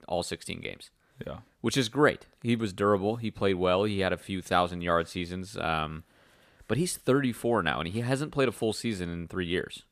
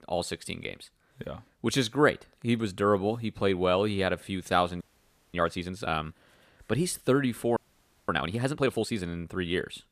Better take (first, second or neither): first